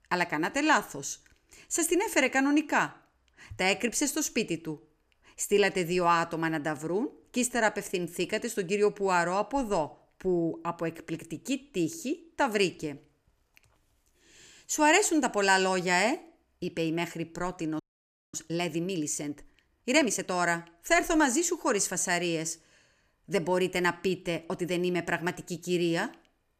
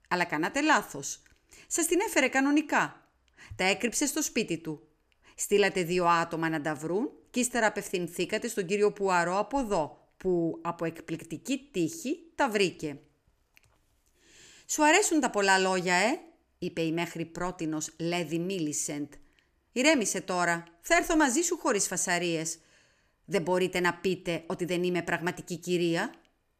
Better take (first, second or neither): second